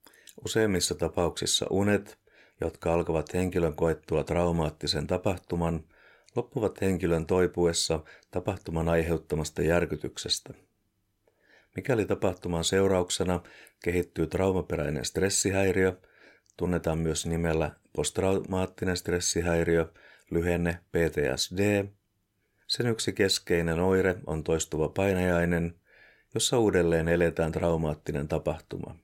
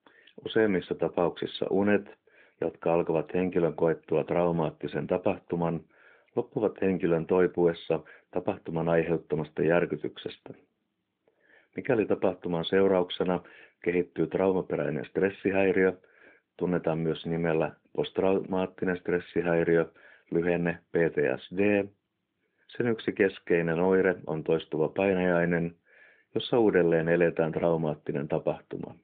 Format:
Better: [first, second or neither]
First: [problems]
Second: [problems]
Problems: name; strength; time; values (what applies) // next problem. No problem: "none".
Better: first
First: none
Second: phone-call audio; nothing above 4 kHz